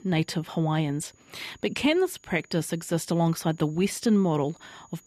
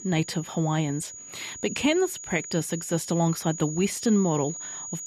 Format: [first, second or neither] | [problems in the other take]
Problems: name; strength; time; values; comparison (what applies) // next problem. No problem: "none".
first | high-pitched whine; loud; throughout; 7 kHz, 10 dB below the speech; faint in the first